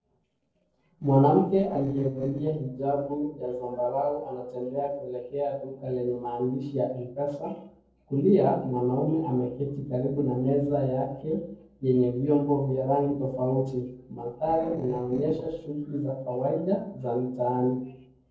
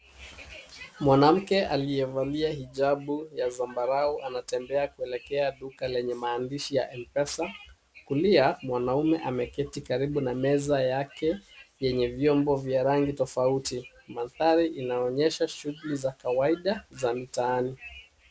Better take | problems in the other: second | noise reduction (neural separator model SepFormer DNS4)

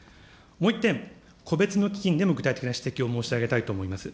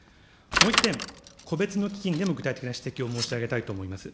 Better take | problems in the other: first | background sound (Bicycle); 1 dB below the speech

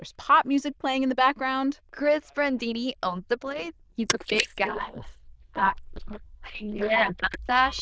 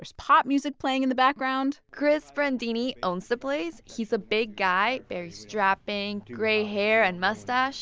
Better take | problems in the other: second | noise reduction (neural diffusion model UNIVERSE++)

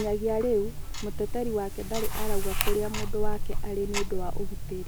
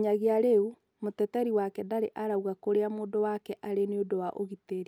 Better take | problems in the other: second | background sound (Tick-tock); 4 dB above the speech

